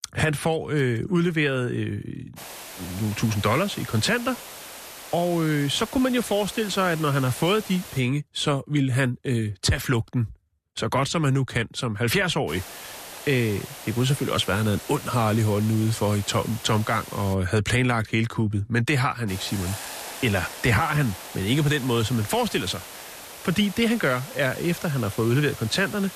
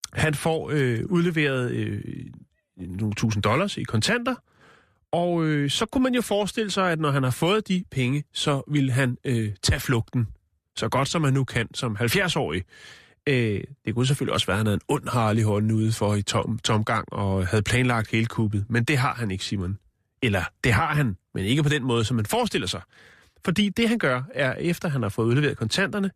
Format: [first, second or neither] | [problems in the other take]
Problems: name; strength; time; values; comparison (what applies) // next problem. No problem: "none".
second | hiss; noticeable; from 2.5 to 8 s, from 12 to 17 s and from 19 s on; 15 dB below the speech